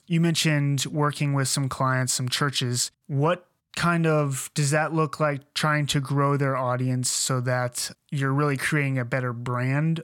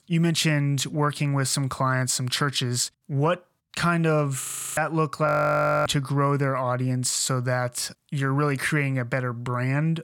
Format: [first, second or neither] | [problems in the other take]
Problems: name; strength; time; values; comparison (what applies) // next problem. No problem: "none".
first | audio freezing; at 4.5 s and at 5.5 s for 0.5 s